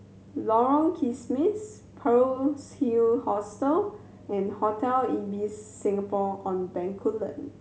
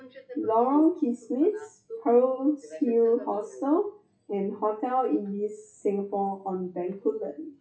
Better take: first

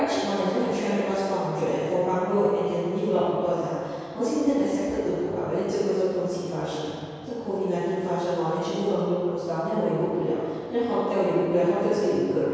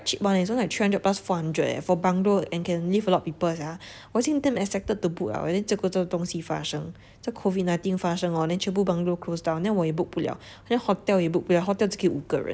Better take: second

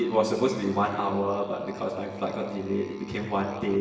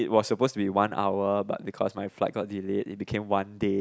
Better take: second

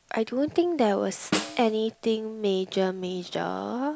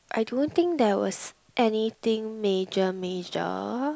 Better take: second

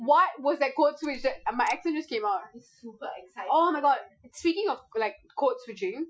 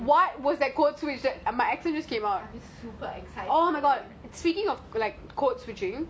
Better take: second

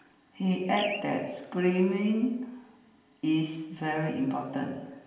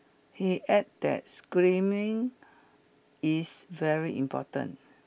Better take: second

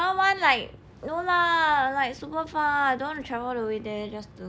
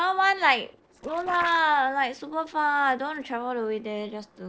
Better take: first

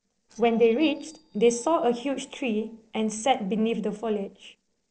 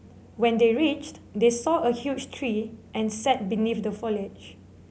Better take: second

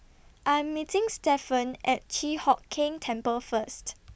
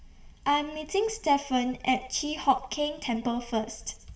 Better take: first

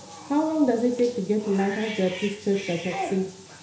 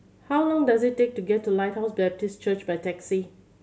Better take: second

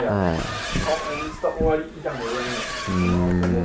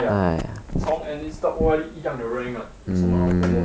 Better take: second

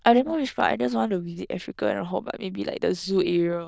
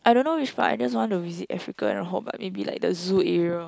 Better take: second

